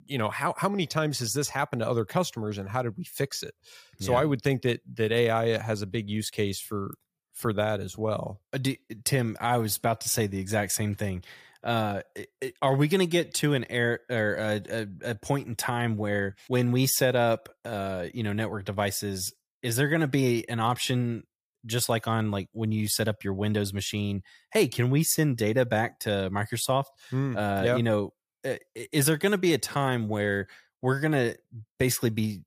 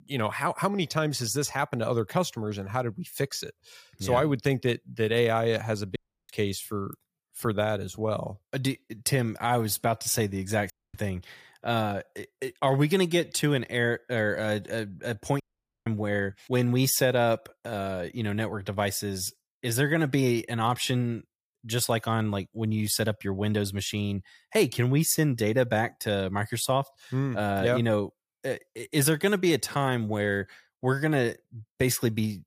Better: first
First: none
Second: audio cutting out; at 6 s, at 11 s and at 15 s

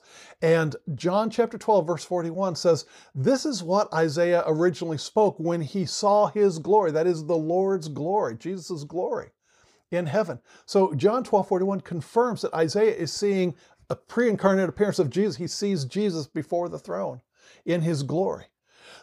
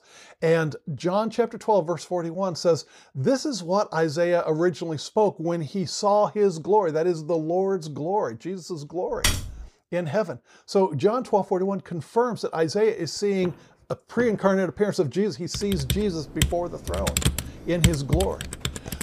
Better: first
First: none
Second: keyboard typing; loud; at 9 s and from 16 s on; peak 2 dB above the speech // footsteps; faint; at 13 s; peak 15 dB below the speech

